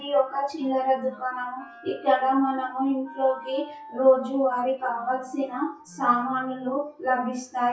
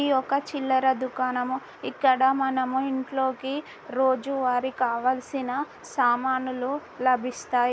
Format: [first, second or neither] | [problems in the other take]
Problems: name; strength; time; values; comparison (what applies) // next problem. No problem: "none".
second | noise reduction (classical method WPE with log-MMSE)